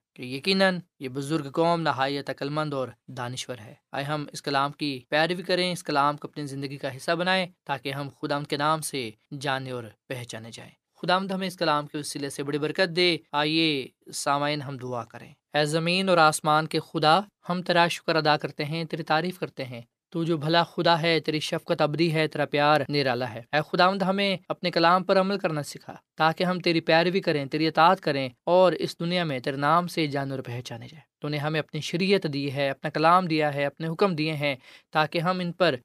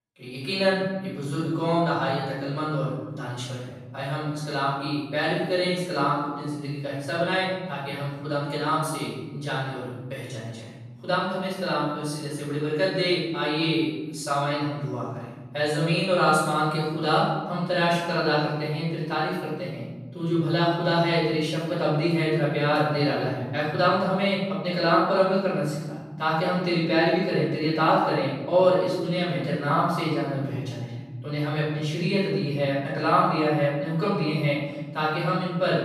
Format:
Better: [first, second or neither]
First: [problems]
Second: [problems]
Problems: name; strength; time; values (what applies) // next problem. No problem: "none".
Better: first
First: none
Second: off-mic speech; far // room echo; strong; dies away in 1.7 s